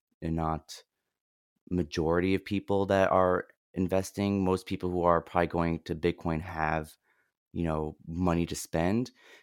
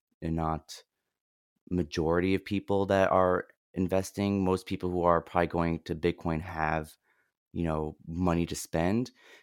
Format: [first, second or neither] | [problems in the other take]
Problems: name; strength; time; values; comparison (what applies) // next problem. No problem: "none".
neither | none